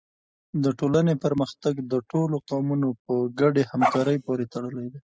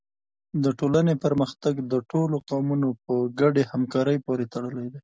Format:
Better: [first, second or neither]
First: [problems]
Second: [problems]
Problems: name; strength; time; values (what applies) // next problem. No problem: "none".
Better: second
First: noise reduction (classical method spectral subtraction)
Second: none